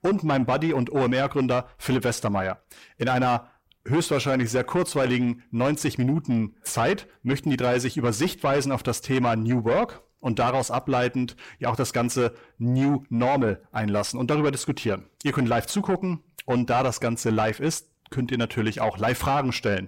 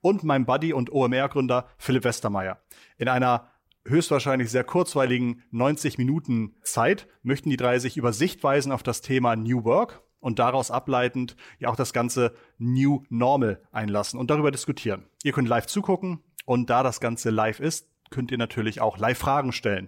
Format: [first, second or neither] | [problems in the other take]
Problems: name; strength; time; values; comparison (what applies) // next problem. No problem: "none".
second | distortion; slight; 10 dB below the speech